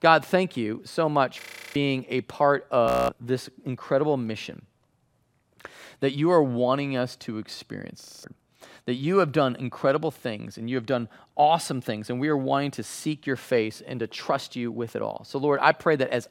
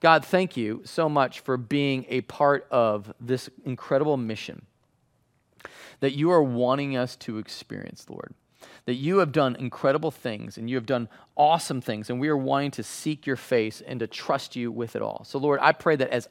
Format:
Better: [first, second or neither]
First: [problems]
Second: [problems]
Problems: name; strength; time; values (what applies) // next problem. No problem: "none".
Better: second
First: audio freezing; at 1.5 s, at 3 s and at 8 s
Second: none